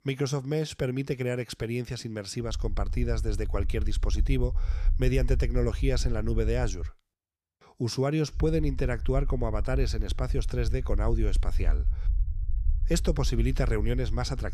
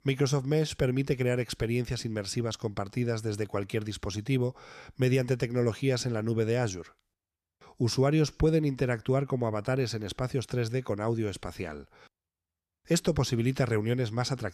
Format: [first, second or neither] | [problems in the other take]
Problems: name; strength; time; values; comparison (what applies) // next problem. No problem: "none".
second | low rumble; noticeable; from 2.5 to 7 s and from 8.5 s on; 20 dB below the speech